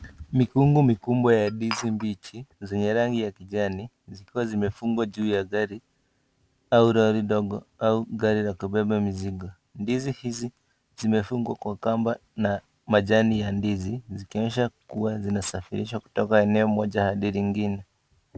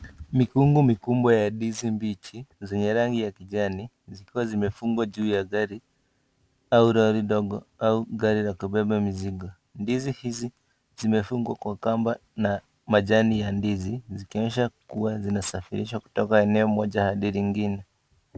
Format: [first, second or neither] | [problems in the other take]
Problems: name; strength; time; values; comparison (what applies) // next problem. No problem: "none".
second | background sound (Glass); 14 dB below the speech